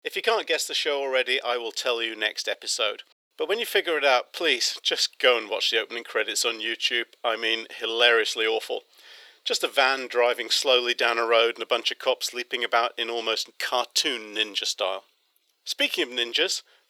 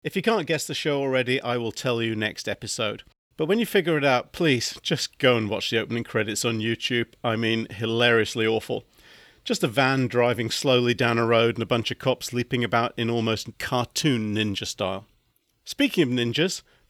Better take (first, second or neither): second